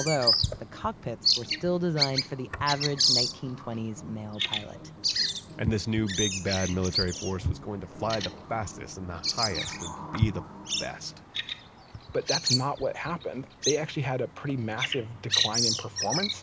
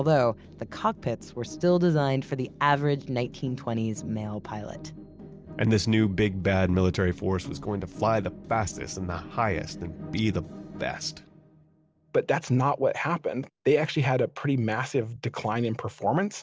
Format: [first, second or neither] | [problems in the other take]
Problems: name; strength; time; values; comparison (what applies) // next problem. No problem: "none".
second | background sound (Bird vocalization, bird call, bird song); as loud as the speech